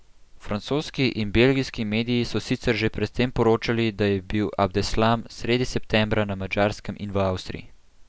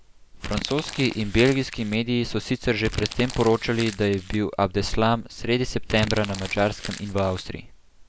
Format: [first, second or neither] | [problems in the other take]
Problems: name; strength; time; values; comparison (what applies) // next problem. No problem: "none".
first | background sound (Crumpling, crinkling); 12 dB below the speech